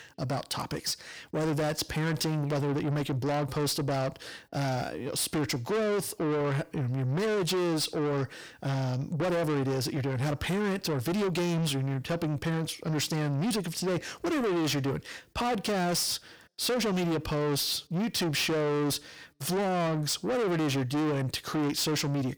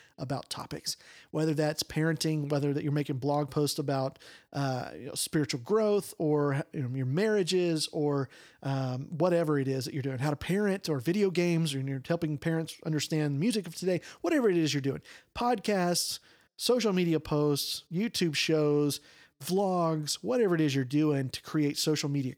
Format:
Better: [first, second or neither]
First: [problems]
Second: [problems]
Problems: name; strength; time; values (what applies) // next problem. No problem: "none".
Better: second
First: distortion; heavy; 7 dB below the speech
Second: none